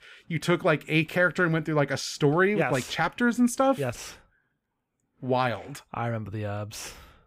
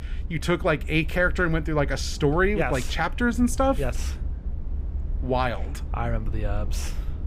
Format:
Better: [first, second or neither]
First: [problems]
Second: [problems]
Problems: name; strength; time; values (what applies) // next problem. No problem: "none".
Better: first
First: none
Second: low rumble; faint; throughout; 25 dB below the speech